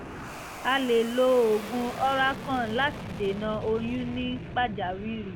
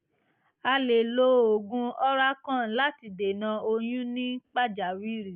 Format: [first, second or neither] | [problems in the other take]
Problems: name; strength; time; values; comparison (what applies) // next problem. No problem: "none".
second | background sound (Fixed-wing aircraft, airplane); 10 dB below the speech